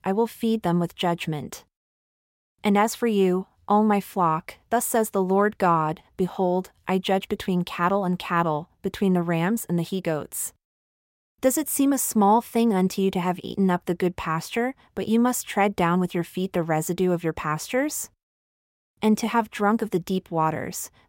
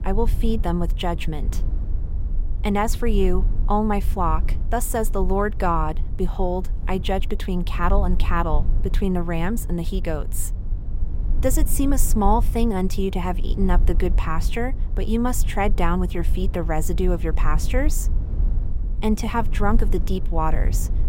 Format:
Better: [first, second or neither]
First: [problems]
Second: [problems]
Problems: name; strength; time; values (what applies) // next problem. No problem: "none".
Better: first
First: none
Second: low rumble; noticeable; throughout; 20 dB below the speech